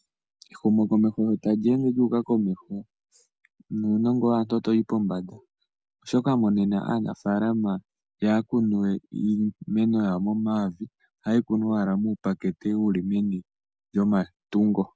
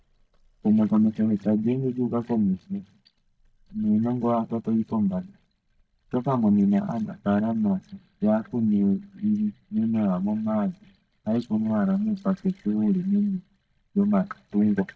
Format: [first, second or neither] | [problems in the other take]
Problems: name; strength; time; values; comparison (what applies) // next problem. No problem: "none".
first | noise reduction (neural mask model DeepFilterNet 3)